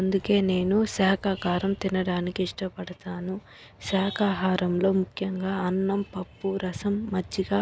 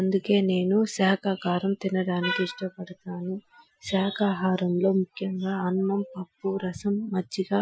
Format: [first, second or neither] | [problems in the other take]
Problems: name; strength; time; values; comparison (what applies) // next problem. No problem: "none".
first | noise reduction (classical method Wiener filter)